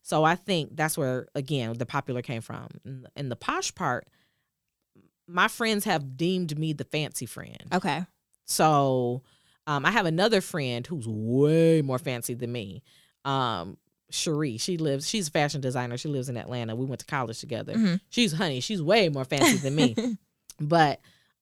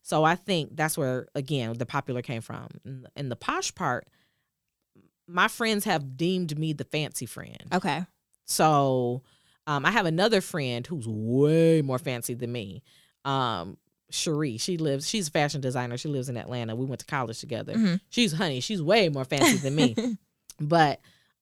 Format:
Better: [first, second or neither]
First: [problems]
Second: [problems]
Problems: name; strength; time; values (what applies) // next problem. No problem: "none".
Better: neither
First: none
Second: none